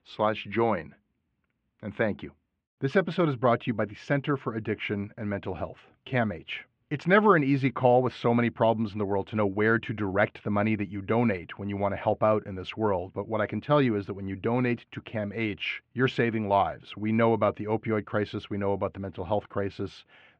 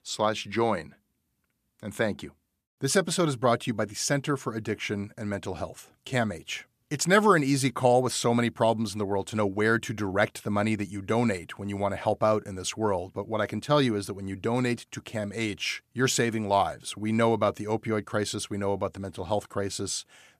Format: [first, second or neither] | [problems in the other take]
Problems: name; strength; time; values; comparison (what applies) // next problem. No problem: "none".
second | muffled; very; fading above 2.5 kHz